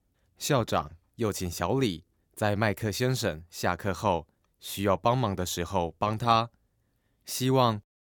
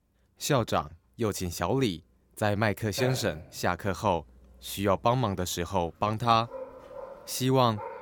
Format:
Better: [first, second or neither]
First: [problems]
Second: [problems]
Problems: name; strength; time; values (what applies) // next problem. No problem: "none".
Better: first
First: none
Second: animal sounds; noticeable; throughout; 15 dB below the speech